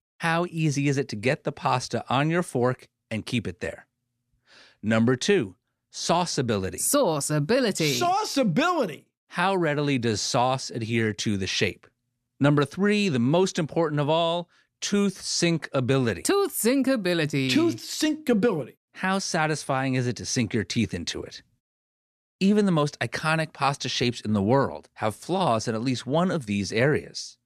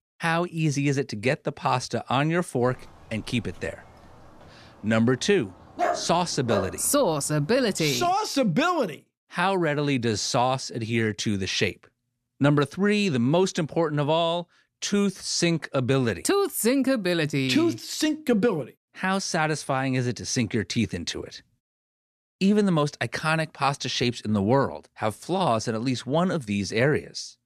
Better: first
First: none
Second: dog barking; noticeable; at 6 s; peak 2 dB below the speech

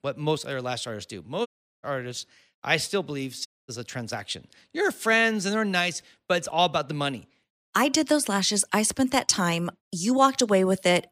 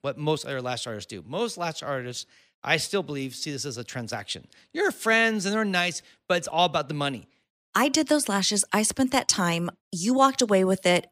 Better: second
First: audio cutting out; at 1.5 s and at 3.5 s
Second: none

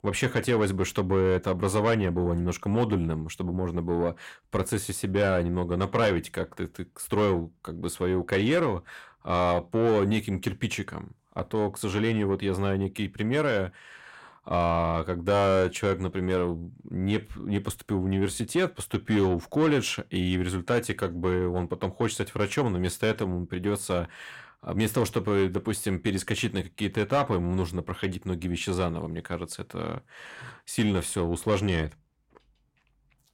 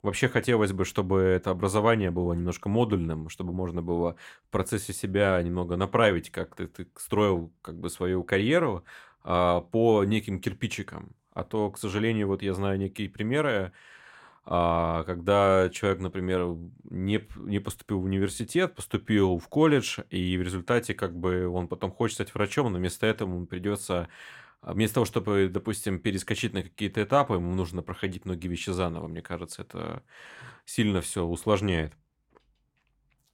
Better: second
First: distortion; slight; 10 dB below the speech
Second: none

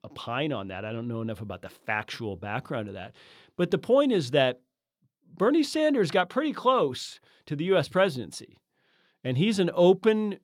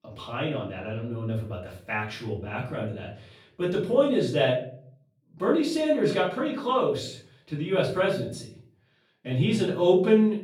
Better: first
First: none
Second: off-mic speech; far // room echo; noticeable; dies away in 0.5 s

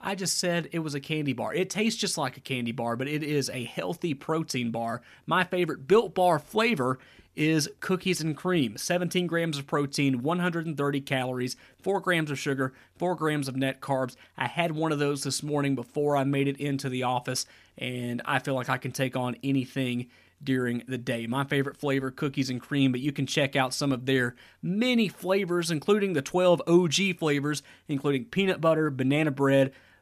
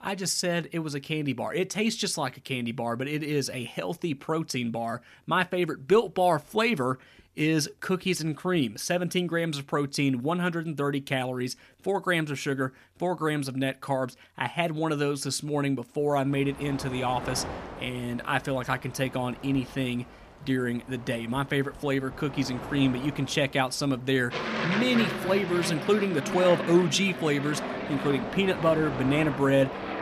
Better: first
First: none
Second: train or aircraft noise; loud; from 16 s on; 6 dB below the speech

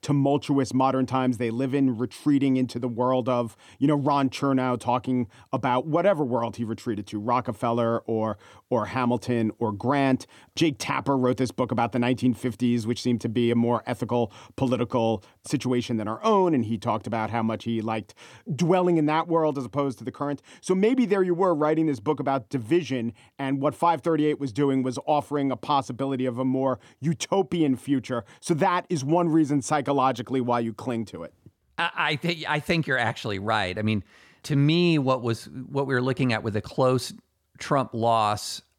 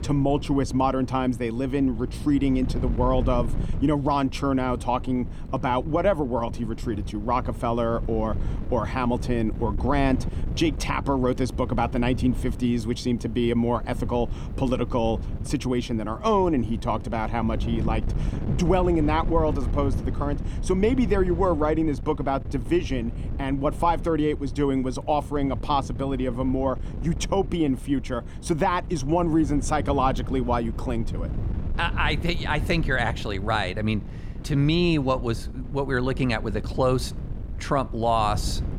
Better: first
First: none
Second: wind noise on the microphone; occasional gusts; 15 dB below the speech

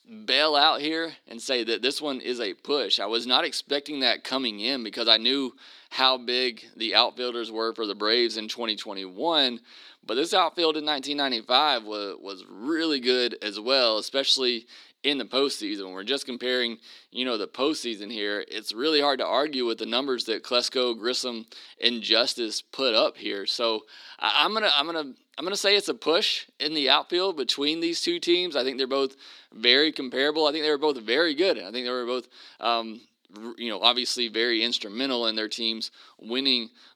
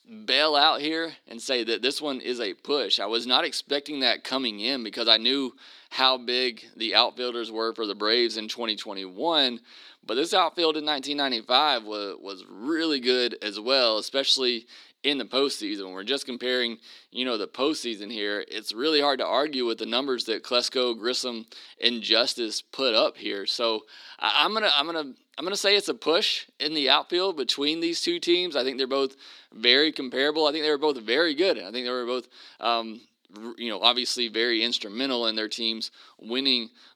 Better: neither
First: thin; very slightly; fading below 300 Hz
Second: thin; very slightly; fading below 300 Hz

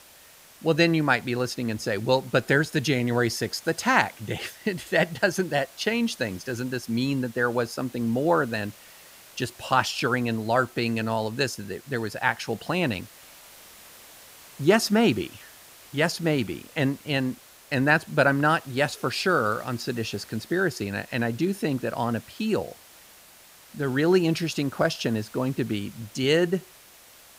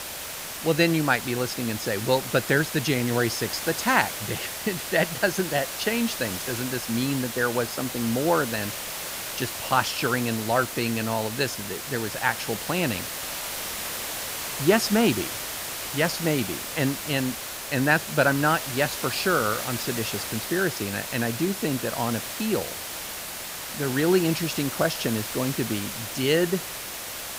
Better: first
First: hiss; faint; throughout; 20 dB below the speech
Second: hiss; loud; throughout; 5 dB below the speech

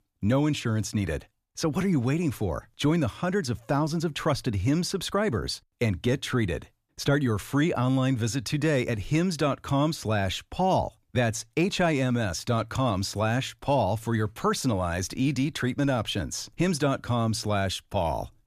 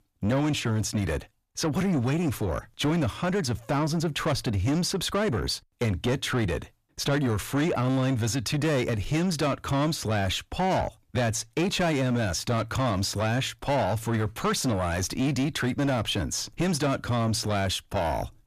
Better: first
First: none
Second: distortion; slight; 10 dB below the speech

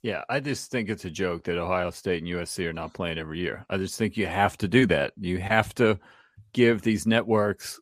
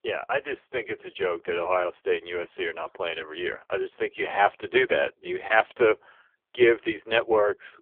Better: first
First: none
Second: phone-call audio; poor line; nothing above 3.5 kHz

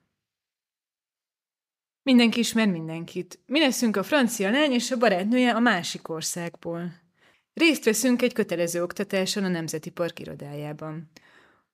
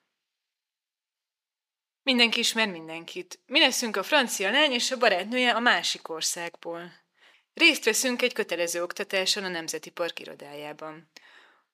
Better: first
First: none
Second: thin; somewhat; fading below 350 Hz

